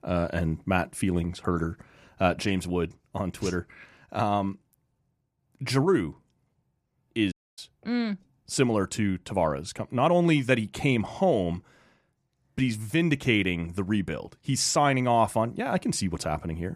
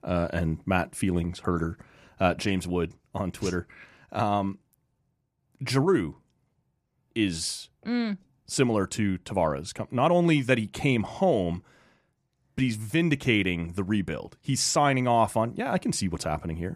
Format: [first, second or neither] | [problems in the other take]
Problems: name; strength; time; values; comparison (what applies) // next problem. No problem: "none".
second | audio cutting out; at 7.5 s